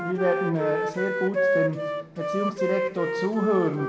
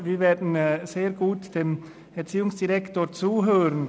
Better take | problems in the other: second | background sound (Wind instrument, woodwind instrument); as loud as the speech // room echo; dies away in 0.9 s

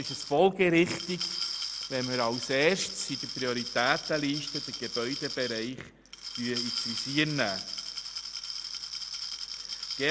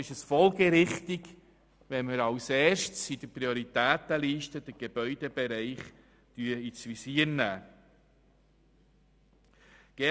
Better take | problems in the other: second | background sound (Glass); 6 dB below the speech

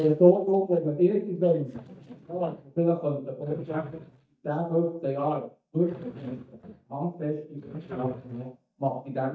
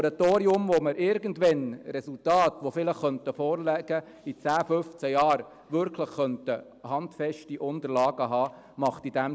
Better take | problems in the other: second | noise reduction (neural mask model DeepFilterNet 3)

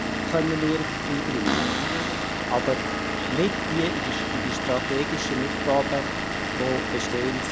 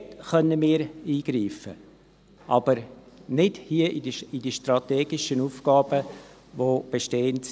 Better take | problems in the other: second | background sound (Engine / Vehicle + Cupboard open or close); 1 dB above the speech

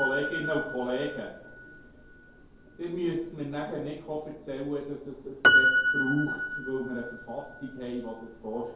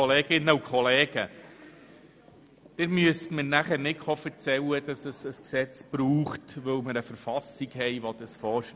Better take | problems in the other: second | background sound (Piano); 3 dB above the speech // room echo; dies away in 2.3 s

